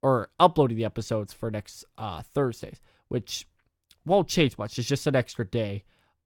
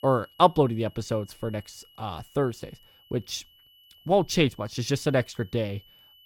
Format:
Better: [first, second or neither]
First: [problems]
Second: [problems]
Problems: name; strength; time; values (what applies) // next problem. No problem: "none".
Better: first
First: none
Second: high-pitched whine; faint; throughout; 3 kHz, 25 dB below the speech